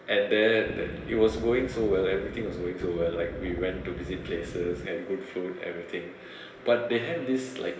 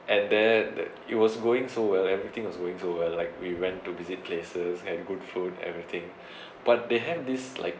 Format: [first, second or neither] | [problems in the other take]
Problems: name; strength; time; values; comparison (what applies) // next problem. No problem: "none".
second | background sound (Wind instrument, woodwind instrument); 10 dB below the speech // room echo; dies away in 2.2 s